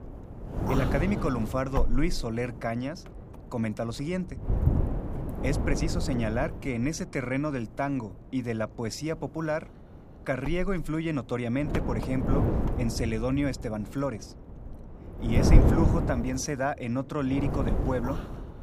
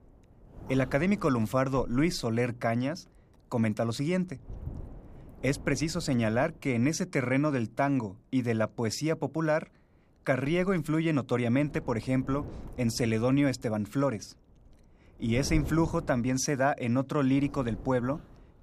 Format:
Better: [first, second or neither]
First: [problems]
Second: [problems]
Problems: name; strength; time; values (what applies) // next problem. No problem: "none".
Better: second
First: wind noise on the microphone; heavy; 3 dB below the speech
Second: wind noise on the microphone; occasional gusts; 20 dB below the speech